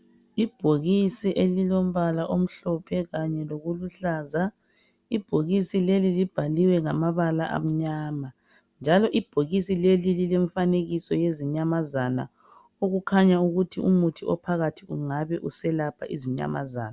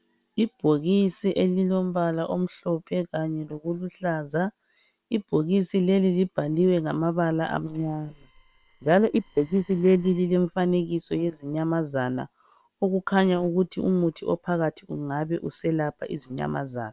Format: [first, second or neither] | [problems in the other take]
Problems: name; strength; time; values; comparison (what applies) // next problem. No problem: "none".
first | noise reduction (neural separator model SepFormer WHAM!)